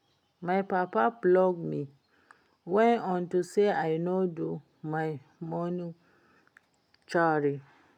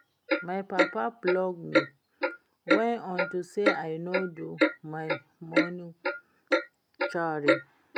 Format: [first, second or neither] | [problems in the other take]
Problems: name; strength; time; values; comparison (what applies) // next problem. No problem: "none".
first | background sound (Clock); 4 dB above the speech